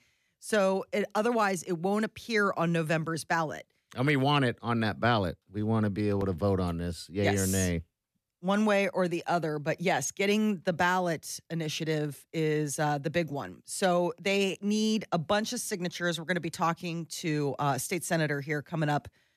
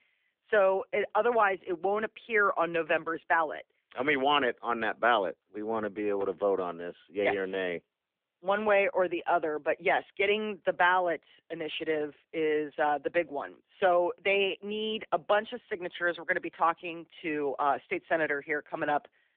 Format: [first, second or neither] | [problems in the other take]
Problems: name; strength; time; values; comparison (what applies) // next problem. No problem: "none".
first | phone-call audio